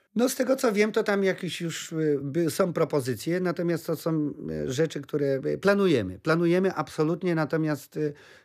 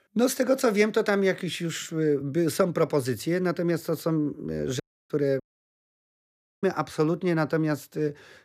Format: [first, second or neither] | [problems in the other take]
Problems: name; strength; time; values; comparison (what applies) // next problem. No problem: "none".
first | audio cutting out; at 5 s and at 5.5 s for 1 s